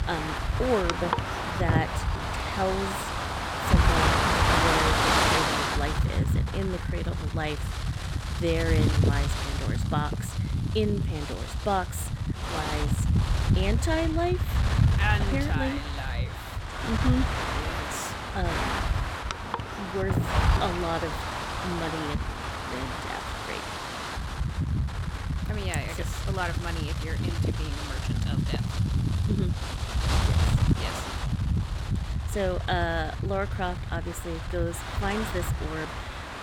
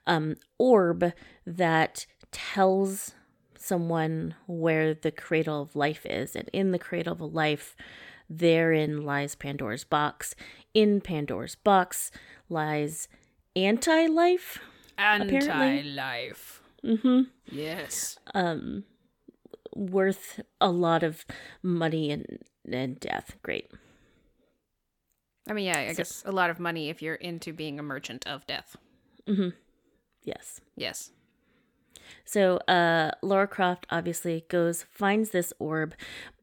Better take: second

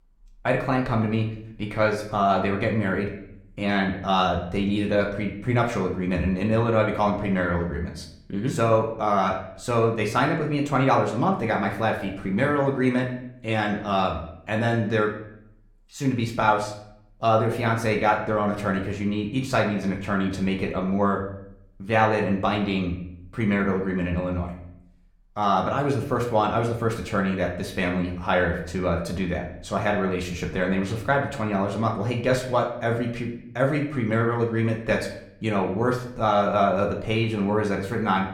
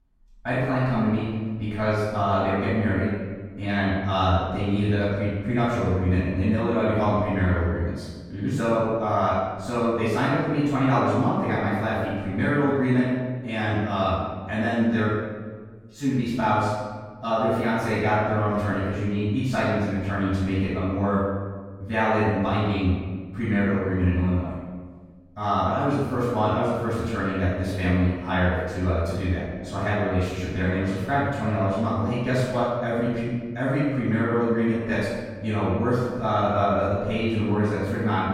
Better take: first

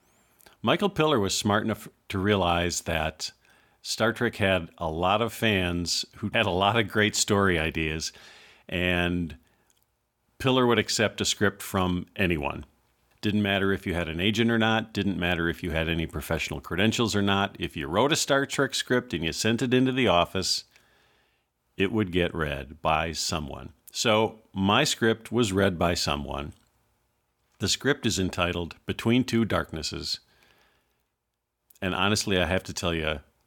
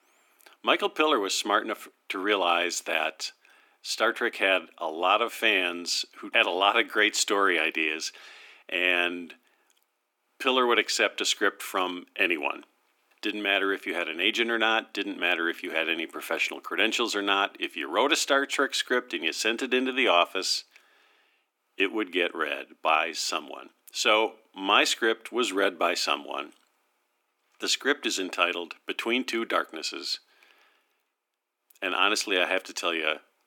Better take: first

